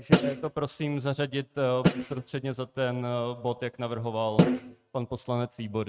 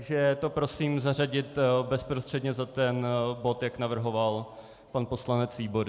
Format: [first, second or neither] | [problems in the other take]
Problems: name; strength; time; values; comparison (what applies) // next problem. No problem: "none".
second | noise reduction (neural mask model RNNoise)